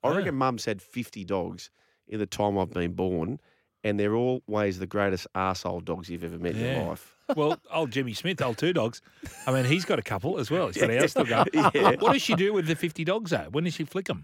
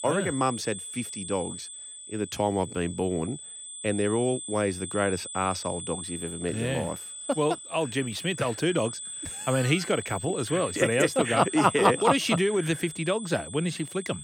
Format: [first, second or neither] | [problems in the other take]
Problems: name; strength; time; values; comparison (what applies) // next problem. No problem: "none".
first | high-pitched whine; loud; throughout; 8 kHz, 9 dB below the speech